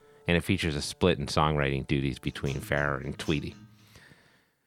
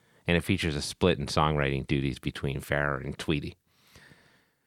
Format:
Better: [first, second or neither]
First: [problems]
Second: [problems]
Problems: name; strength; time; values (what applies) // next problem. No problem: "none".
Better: second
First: background music; faint; until 3.5 s; 20 dB below the speech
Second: none